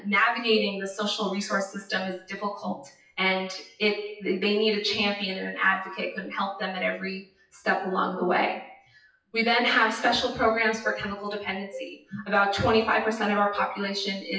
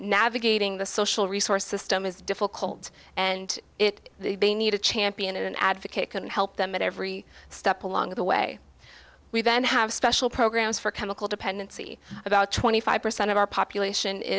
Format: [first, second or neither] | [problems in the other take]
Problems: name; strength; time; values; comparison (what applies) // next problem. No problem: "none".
second | noise reduction (classical method WPE with log-MMSE)